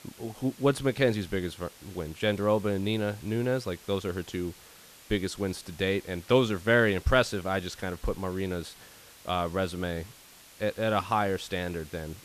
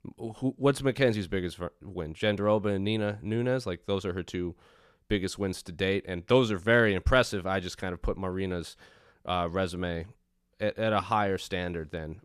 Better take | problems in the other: second | hiss; faint; throughout; 20 dB below the speech

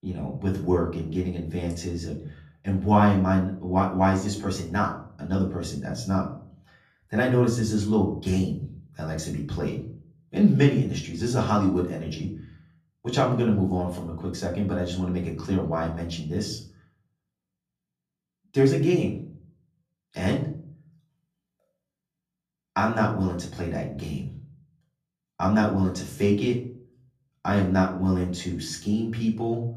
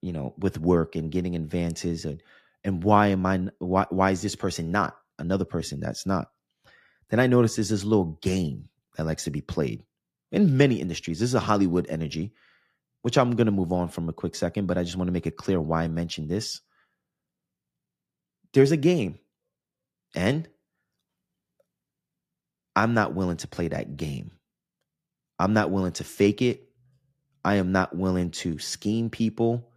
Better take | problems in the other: second | room echo; slight; dies away in 0.4 s // off-mic speech; far

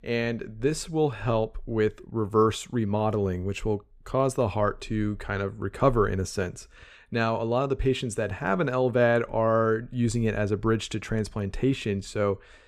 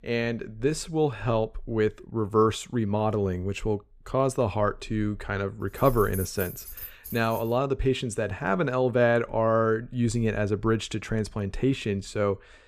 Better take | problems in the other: first | jangling keys; noticeable; from 5.5 to 7.5 s; peak 9 dB below the speech

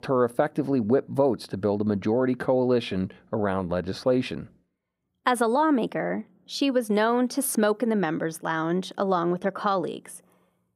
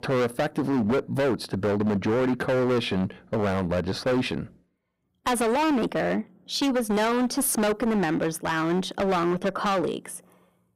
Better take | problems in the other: first | distortion; heavy; 21% of the sound clipped

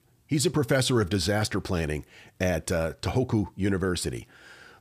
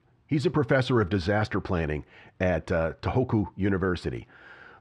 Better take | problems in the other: first | muffled; slightly; fading above 2.5 kHz

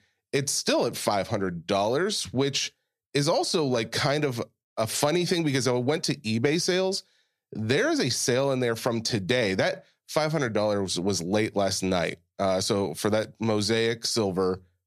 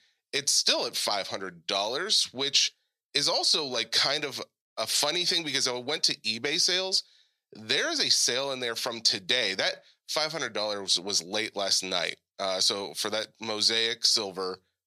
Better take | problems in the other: first | thin; somewhat; fading below 800 Hz

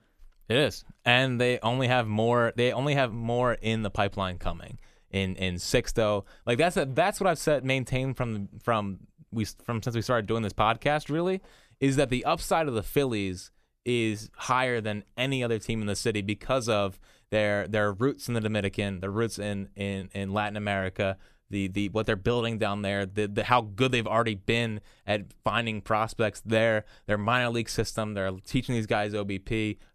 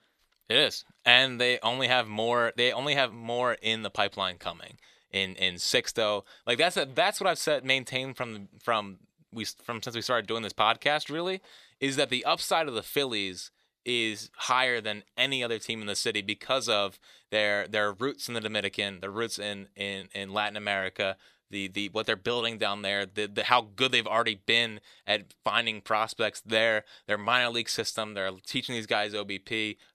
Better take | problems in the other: first | thin; somewhat; fading below 550 Hz

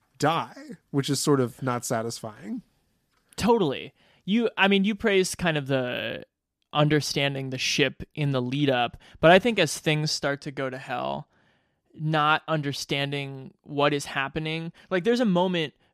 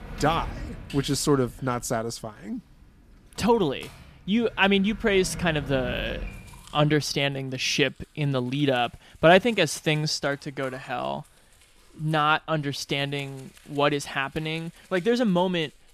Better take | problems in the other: first | household noises; noticeable; throughout; 20 dB below the speech

